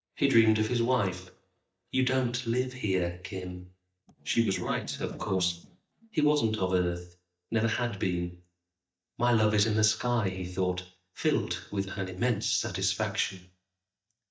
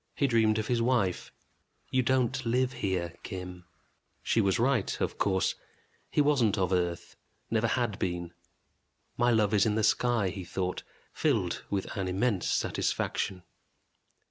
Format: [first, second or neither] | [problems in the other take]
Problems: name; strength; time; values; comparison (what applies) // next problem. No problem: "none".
second | noise reduction (neural mask model DeepFilterNet 3)